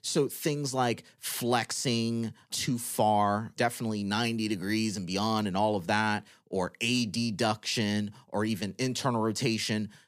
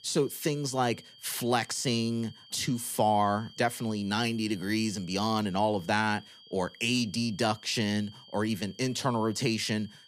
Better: first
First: none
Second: high-pitched whine; faint; throughout; 3 kHz, 20 dB below the speech

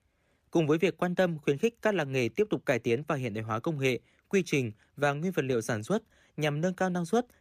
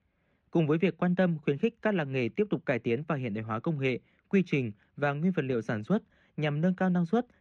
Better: first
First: none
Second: muffled; slightly; fading above 2.5 kHz

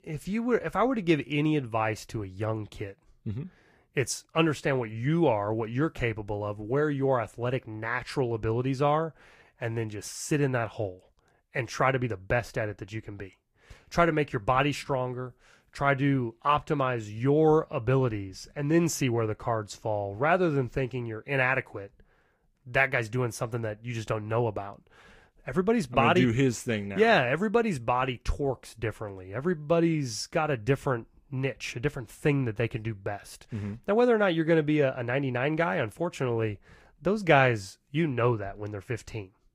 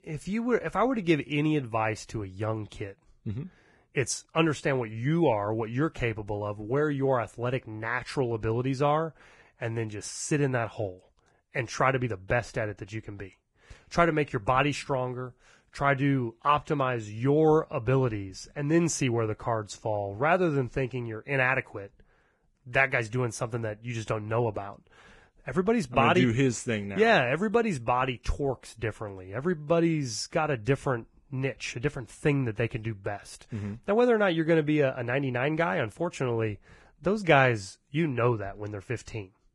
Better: first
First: garbled, watery; slightly; nothing above 15.5 kHz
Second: garbled, watery; badly; nothing above 10.5 kHz

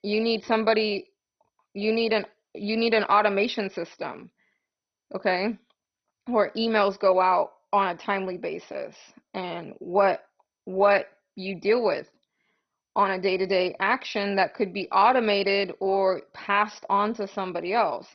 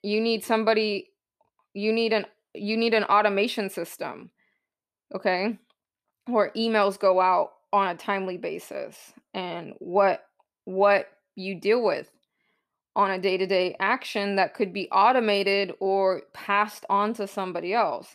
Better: second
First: garbled, watery; badly; nothing above 5 kHz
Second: none

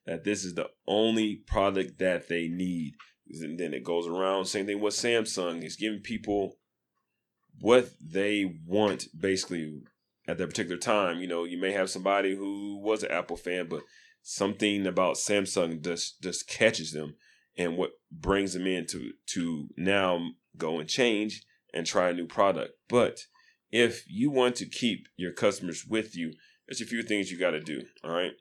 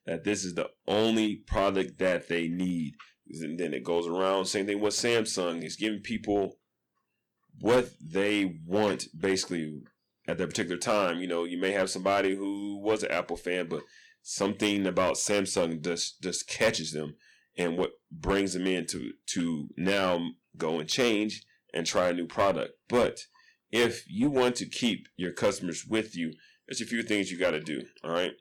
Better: first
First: none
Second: distortion; slight; 3% of the sound clipped

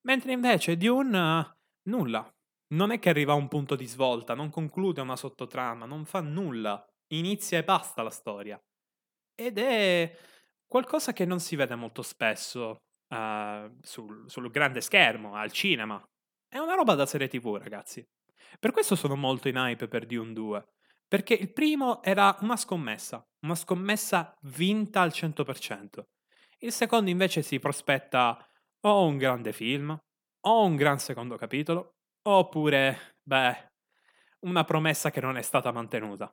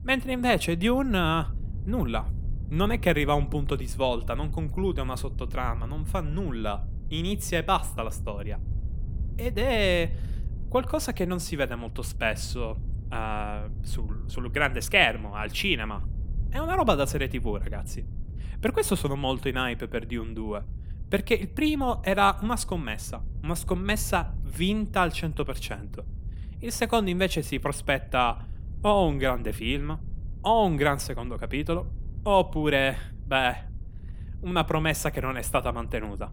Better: first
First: none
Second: wind noise on the microphone; occasional gusts; 25 dB below the speech

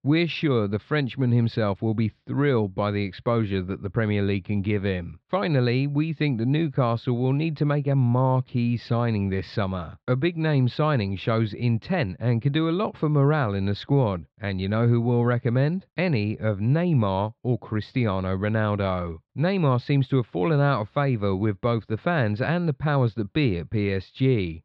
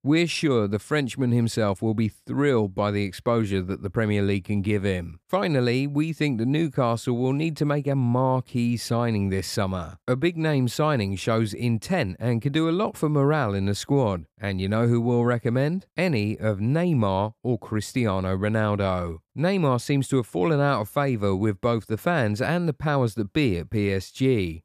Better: second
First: muffled; very slightly; fading above 4 kHz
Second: none

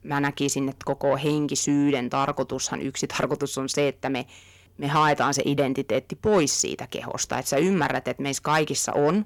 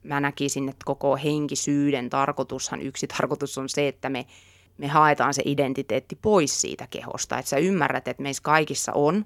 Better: second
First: distortion; slight; 10 dB below the speech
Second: none

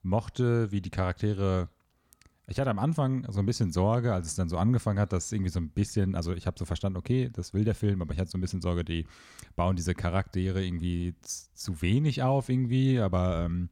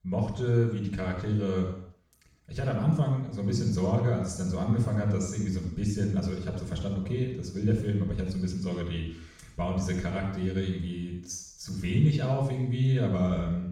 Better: first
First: none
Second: room echo; noticeable; dies away in 0.7 s // off-mic speech; far

